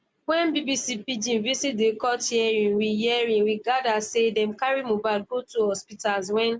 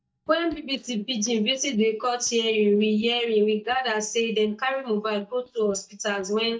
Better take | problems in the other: first | noise reduction (neural mask model DeepFilterNet 3)

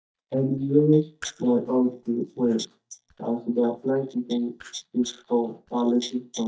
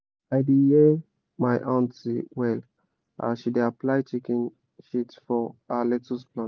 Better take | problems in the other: second | noise reduction (neural mask model DeepFilterNet 3)

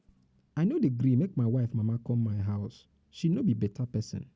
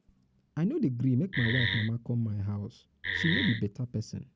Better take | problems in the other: first | background sound (Wood); as loud as the speech

